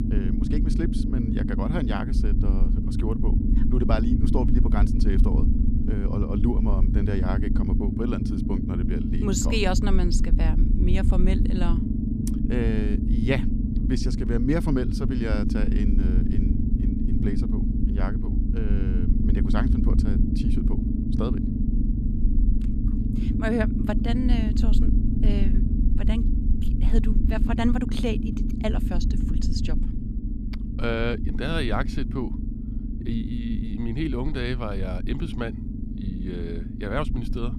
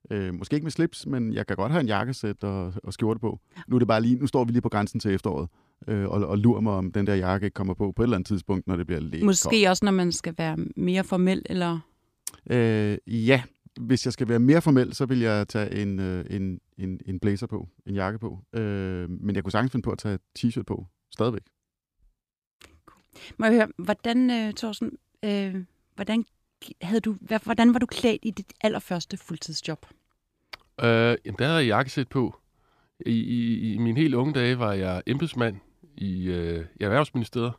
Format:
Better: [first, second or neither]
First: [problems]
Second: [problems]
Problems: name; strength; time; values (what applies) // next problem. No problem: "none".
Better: second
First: low rumble; loud; throughout; 3 dB below the speech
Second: none